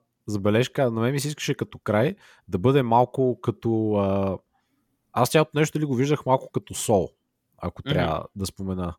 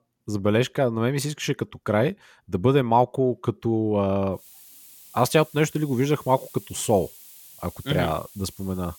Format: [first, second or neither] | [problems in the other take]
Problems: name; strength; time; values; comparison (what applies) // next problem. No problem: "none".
first | hiss; faint; from 4.5 s on; 20 dB below the speech